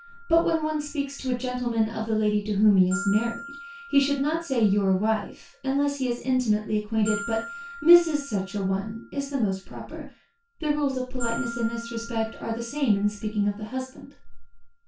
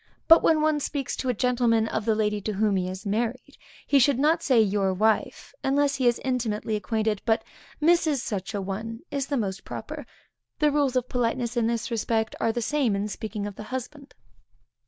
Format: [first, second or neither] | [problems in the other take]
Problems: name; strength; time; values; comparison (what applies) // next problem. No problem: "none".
second | background sound (Glockenspiel); 17 dB below the speech // room echo; dies away in 0.2 s